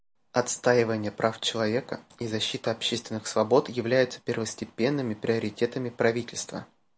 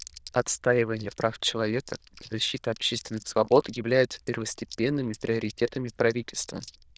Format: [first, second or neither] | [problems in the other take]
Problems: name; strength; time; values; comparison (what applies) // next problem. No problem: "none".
first | noise reduction (neural diffusion model UNIVERSE++)